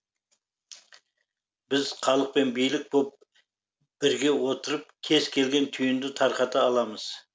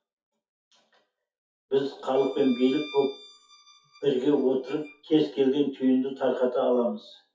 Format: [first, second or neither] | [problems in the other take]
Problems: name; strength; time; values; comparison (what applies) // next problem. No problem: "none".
first | noise reduction (classical method WPE with log-MMSE)